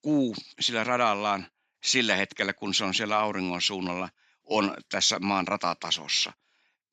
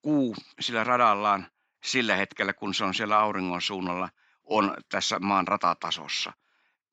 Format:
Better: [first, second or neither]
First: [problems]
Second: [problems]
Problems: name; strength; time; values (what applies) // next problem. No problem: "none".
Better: first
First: none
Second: muffled; slightly; fading above 3.5 kHz